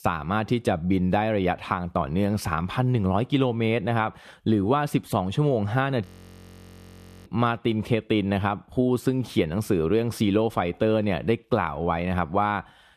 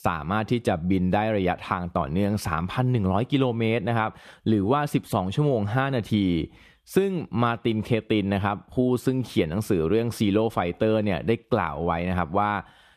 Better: second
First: audio freezing; at 6 s for 1 s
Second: none

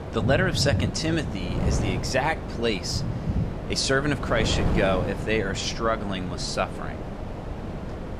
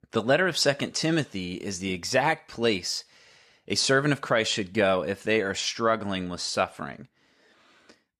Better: second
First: wind noise on the microphone; heavy; 9 dB below the speech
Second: none

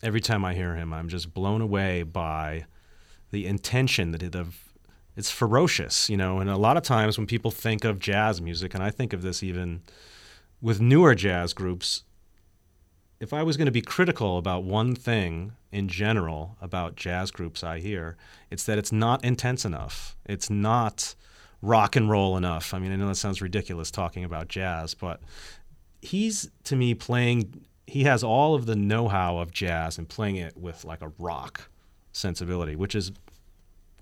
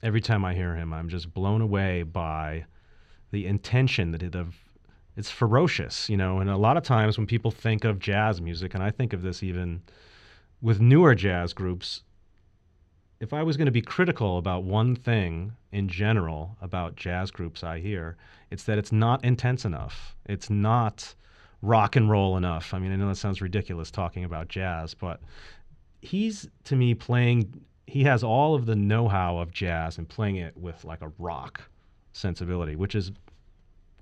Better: first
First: none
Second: muffled; very slightly; fading above 3.5 kHz

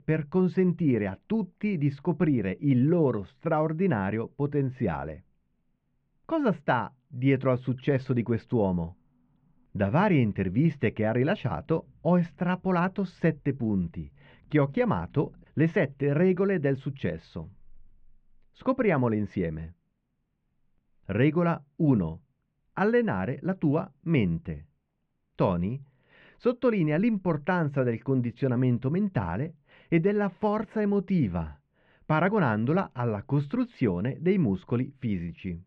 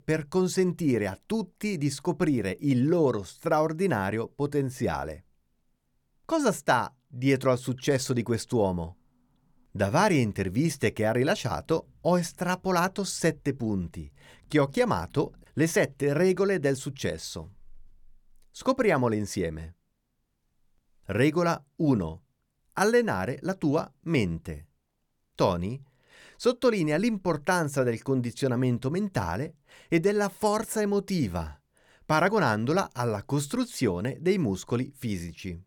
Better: second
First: muffled; very; fading above 2.5 kHz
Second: none

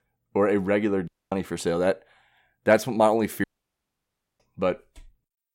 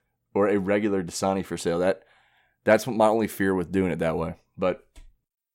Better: second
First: audio cutting out; at 1 s and at 3.5 s for 1 s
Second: none

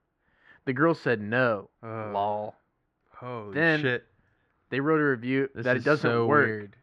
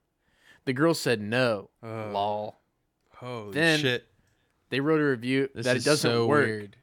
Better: second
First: muffled; very; fading above 2 kHz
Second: none

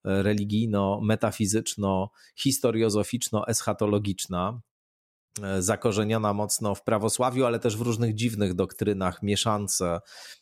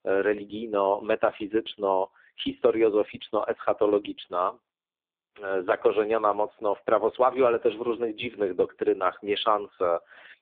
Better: first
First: none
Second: phone-call audio; poor line

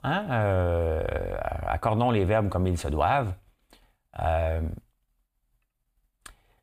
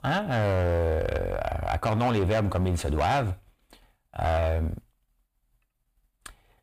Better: first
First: none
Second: distortion; slight; 8% of the sound clipped

